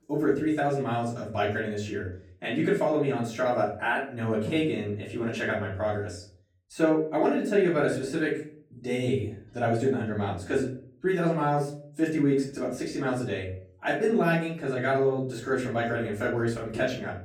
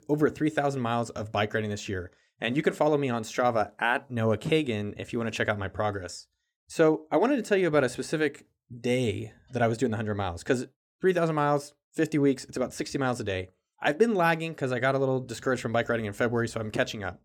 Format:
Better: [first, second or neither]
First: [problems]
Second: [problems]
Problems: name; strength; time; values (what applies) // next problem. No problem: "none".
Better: second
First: off-mic speech; far // room echo; slight; dies away in 0.4 s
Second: none